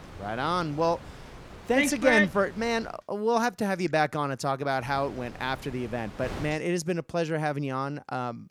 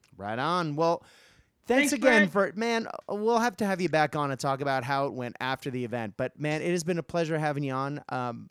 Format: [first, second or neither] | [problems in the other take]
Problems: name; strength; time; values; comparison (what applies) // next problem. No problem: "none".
second | wind noise on the microphone; occasional gusts; until 3 s and from 5 to 6.5 s; 20 dB below the speech